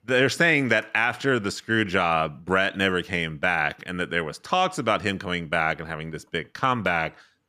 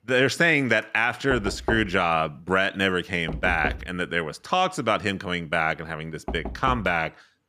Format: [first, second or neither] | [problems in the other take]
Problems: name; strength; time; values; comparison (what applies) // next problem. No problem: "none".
first | door banging; noticeable; from 1.5 to 7 s; peak 7 dB below the speech